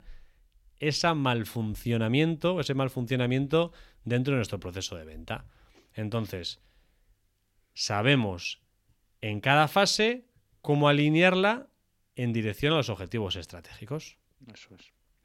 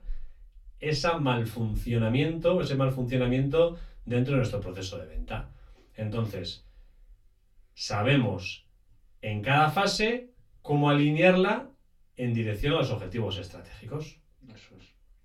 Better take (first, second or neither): first